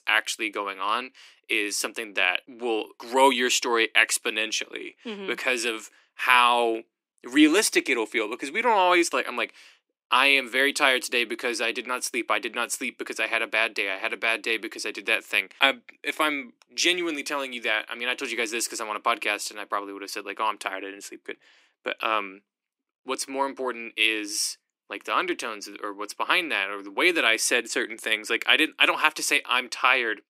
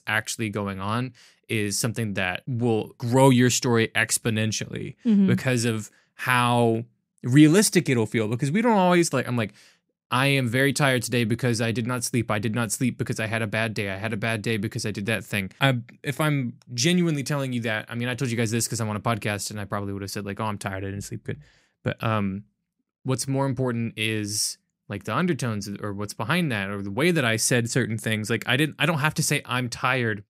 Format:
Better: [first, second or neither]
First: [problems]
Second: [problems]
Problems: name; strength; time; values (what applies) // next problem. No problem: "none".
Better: second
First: thin; very; fading below 300 Hz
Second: none